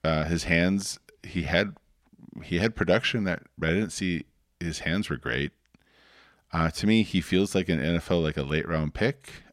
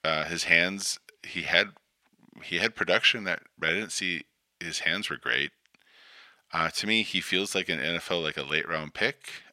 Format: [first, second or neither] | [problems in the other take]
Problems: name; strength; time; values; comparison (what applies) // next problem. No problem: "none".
first | thin; somewhat; fading below 900 Hz